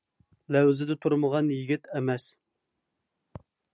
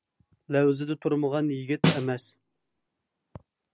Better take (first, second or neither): first